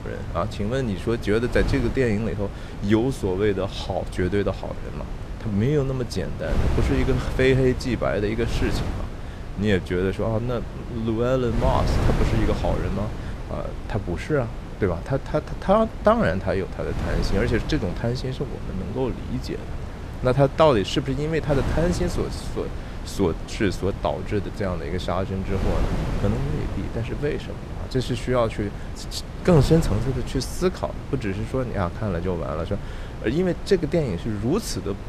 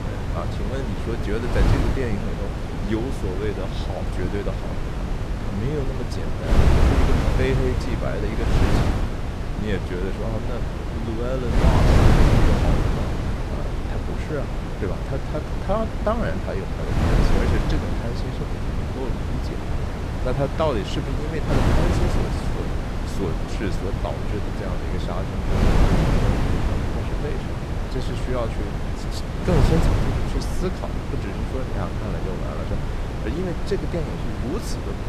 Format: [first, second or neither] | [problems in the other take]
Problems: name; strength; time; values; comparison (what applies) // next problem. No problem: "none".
first | wind noise on the microphone; heavy; 1 dB above the speech; occasional gusts in the first